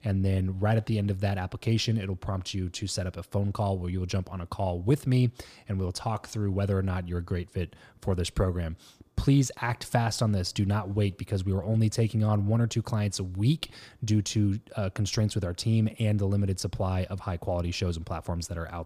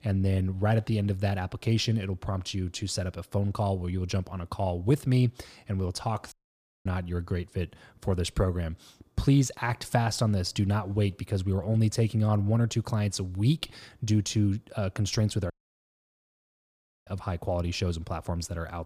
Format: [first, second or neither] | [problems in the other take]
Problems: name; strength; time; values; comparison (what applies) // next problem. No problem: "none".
first | audio cutting out; at 6.5 s for 0.5 s and at 16 s for 1.5 s